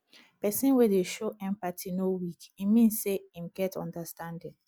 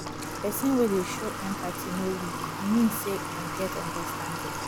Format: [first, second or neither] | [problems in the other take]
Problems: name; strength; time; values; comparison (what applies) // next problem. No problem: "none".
first | background sound (Water tap, faucet / Water); 4 dB below the speech